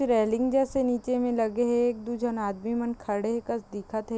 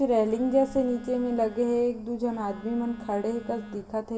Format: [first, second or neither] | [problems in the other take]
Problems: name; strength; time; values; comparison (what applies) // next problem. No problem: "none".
first | background sound (Telephone); 18 dB below the speech // room echo; dies away in 2.9 s